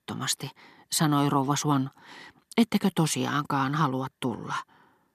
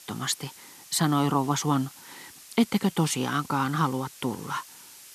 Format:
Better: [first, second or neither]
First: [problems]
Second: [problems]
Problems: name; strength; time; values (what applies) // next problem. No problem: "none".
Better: first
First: none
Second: hiss; noticeable; throughout; 20 dB below the speech